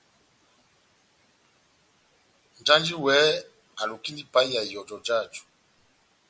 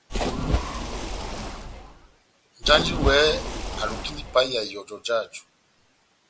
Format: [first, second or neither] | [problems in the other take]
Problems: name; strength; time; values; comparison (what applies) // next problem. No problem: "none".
first | background sound (Splash, splatter); 2 dB below the speech